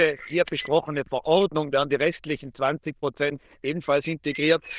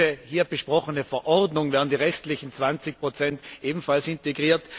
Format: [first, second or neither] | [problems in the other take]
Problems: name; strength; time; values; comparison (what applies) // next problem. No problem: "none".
second | noise reduction (neural diffusion model UNIVERSE++)